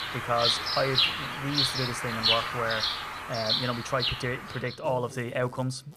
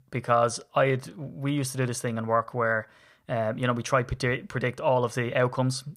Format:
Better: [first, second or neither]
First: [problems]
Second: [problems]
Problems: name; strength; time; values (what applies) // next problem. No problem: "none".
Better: second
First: animal sounds; very loud; throughout; 4 dB above the speech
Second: none